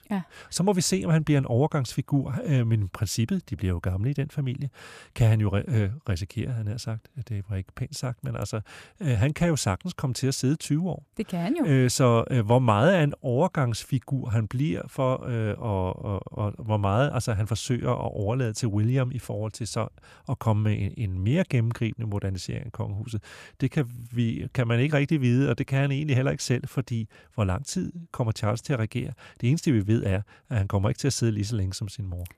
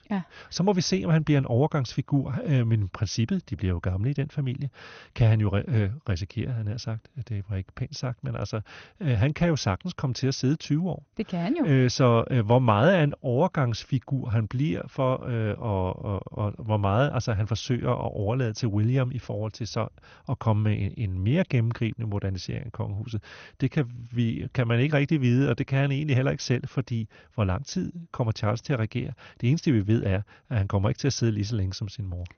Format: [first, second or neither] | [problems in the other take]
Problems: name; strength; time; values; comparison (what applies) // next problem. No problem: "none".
first | garbled, watery; slightly; nothing above 6.5 kHz